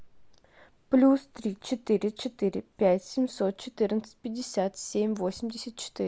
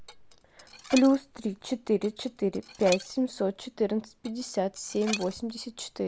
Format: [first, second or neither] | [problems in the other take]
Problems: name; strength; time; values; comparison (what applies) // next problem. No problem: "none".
first | background sound (Dishes, pots, and pans); 12 dB below the speech